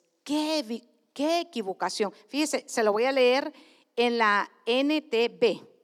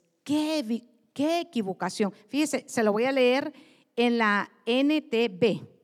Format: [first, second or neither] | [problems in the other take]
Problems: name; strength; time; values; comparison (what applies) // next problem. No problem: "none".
second | thin; very slightly; fading below 350 Hz